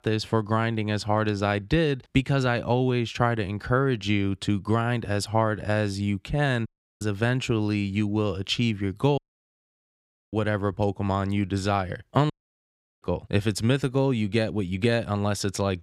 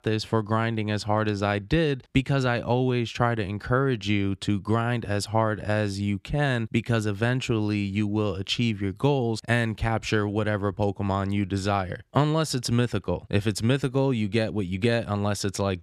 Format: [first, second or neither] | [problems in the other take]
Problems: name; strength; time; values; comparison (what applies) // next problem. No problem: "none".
second | audio cutting out; at 6.5 s, at 9 s for 1 s and at 12 s for 0.5 s